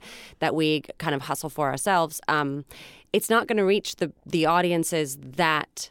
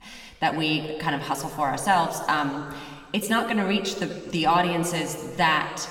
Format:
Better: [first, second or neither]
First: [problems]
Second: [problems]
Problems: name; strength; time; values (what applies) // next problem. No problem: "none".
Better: first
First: none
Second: room echo; slight; dies away in 1.9 s